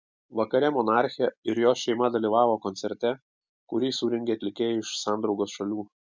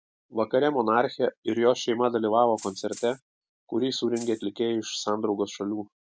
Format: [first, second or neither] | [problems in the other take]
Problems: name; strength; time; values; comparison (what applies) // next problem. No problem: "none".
first | background sound (Rattle (instrument)); 18 dB below the speech